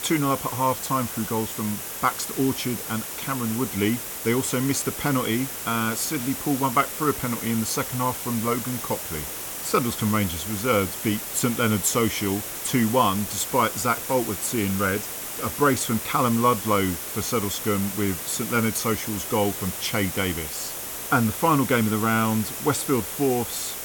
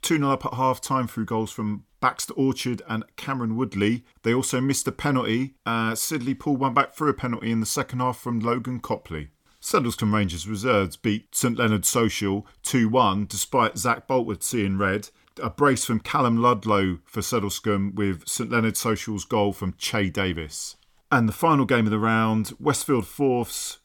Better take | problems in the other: second | hiss; loud; throughout; 5 dB below the speech

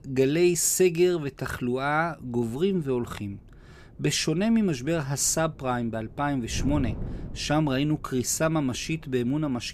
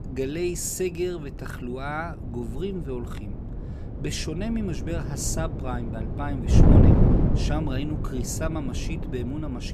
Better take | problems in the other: first | wind noise on the microphone; heavy; as loud as the speech; occasional gusts in the first

